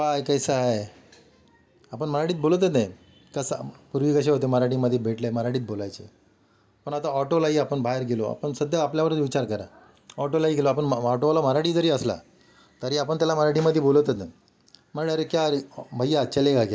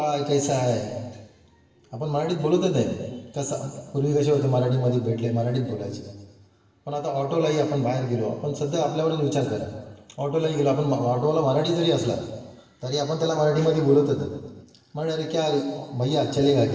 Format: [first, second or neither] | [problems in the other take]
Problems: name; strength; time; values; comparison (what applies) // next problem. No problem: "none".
first | room echo; dies away in 1.3 s